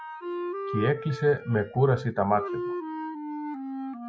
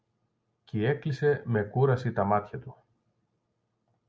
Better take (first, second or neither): second